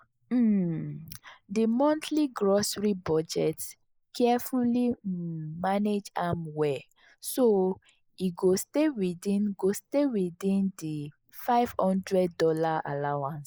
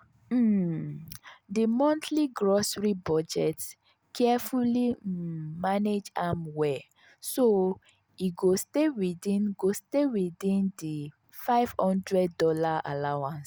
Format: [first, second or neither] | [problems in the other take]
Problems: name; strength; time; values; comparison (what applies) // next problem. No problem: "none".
second | noise reduction (neural mask model Resemble Enhance denoiser)